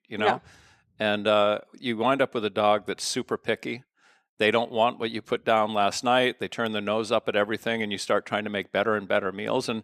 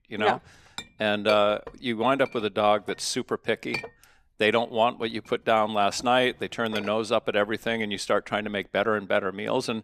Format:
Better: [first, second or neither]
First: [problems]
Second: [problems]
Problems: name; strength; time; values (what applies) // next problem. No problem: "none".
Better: first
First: none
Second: clattering dishes; noticeable; from 1 to 7 s; peak 8 dB below the speech